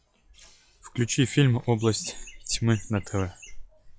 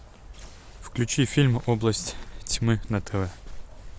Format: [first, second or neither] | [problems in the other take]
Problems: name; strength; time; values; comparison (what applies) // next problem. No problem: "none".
second | noise reduction (classical method log-MMSE)